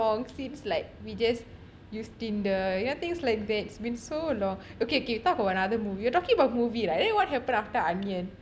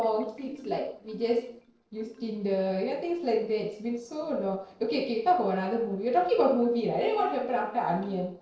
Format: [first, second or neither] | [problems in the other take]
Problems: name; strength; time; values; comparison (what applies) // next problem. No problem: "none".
first | noise reduction (neural separator model SepFormer DNS4)